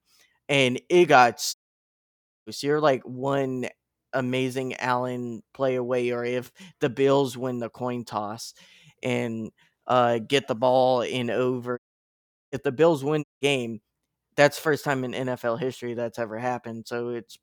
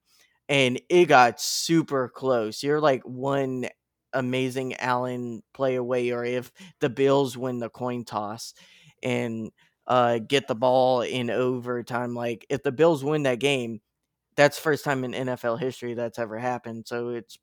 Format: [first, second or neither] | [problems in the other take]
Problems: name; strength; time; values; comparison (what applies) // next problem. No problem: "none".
second | audio cutting out; at 1.5 s for 1 s, at 12 s for 0.5 s and at 13 s